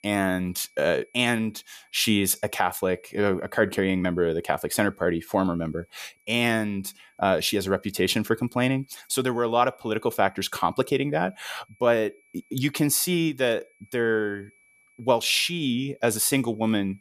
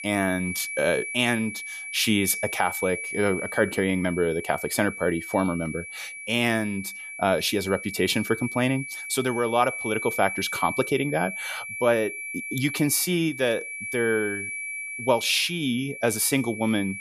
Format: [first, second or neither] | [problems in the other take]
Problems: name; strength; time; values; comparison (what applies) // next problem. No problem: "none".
first | high-pitched whine; loud; throughout; 2.5 kHz, 7 dB below the speech; faint in the first